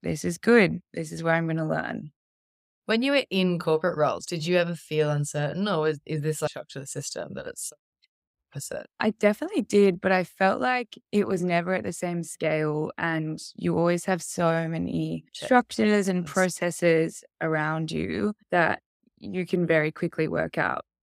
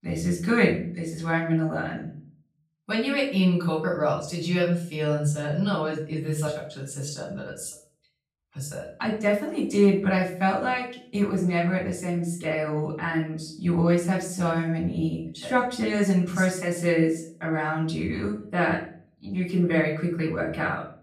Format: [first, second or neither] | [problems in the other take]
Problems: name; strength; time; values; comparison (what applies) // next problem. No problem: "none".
first | room echo; slight; dies away in 0.5 s // off-mic speech; far